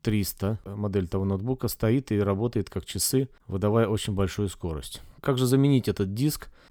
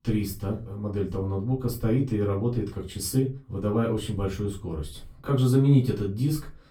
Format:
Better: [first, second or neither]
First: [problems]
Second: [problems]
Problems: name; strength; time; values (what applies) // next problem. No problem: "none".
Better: first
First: none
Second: off-mic speech; far // room echo; very slight; dies away in 0.3 s